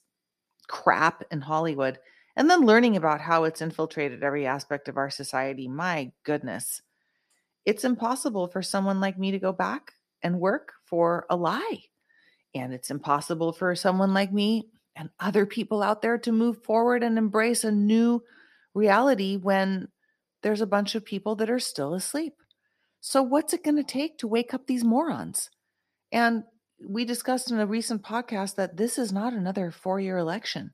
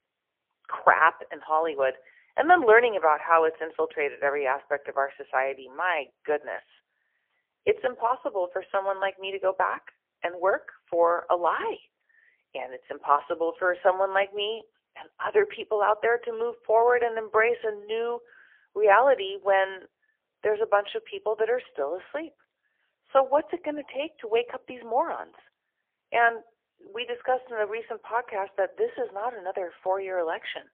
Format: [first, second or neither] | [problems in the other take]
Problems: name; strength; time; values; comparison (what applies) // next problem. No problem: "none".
first | phone-call audio; poor line; nothing above 3.5 kHz